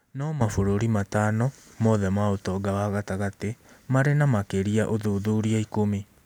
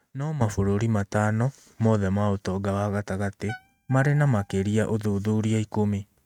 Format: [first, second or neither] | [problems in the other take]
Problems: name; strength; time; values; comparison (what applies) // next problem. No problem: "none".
first | noise reduction (neural mask model RNNoise)